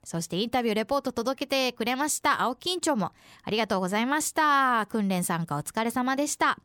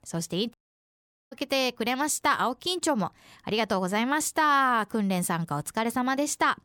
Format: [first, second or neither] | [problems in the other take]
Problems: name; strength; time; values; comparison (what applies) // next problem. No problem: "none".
first | audio cutting out; at 0.5 s for 1 s